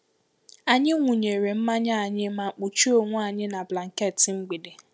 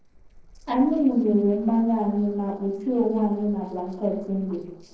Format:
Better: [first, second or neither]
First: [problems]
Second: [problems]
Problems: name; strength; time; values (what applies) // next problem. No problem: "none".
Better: first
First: none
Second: noise reduction (neural separator model SepFormer DNS4)